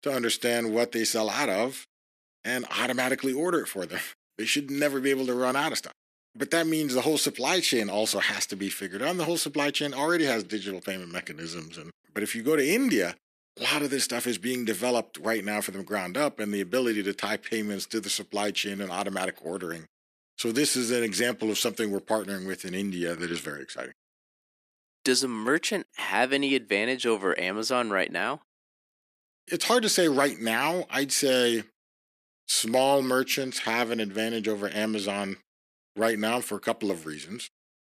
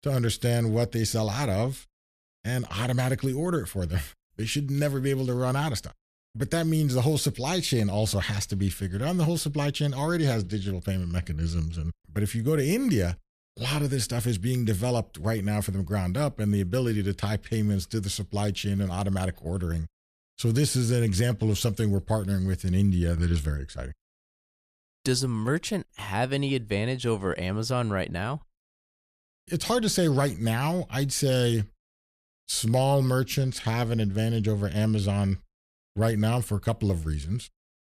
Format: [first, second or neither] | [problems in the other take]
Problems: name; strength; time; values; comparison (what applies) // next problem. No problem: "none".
second | thin; somewhat; fading below 250 Hz